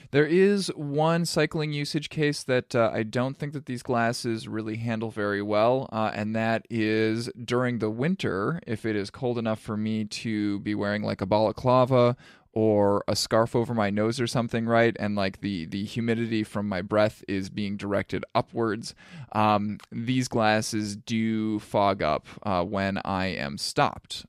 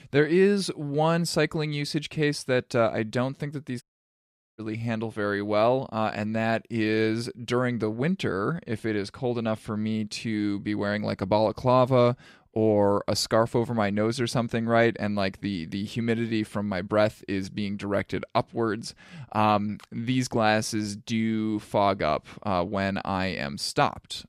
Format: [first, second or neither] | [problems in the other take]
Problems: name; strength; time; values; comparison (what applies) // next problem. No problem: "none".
first | audio cutting out; at 4 s for 1 s